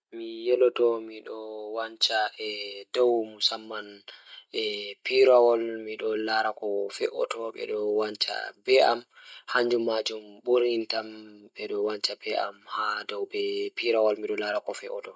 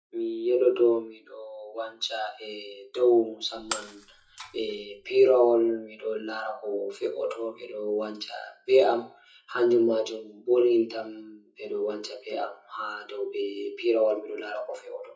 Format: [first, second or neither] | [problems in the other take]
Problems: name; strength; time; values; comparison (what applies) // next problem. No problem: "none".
first | noise reduction (classical method WPE with log-MMSE)